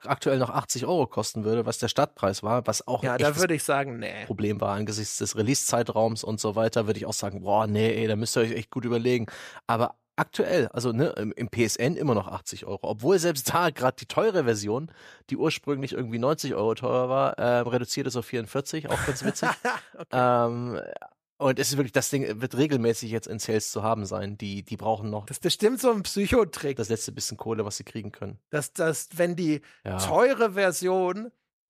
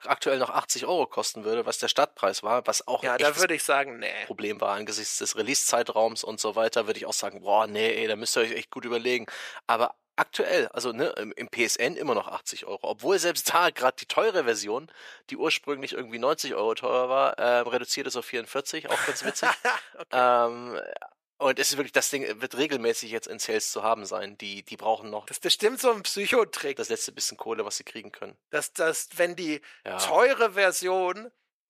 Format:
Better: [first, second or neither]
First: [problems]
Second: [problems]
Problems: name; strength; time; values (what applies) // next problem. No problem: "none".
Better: first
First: none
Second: thin; somewhat; fading below 400 Hz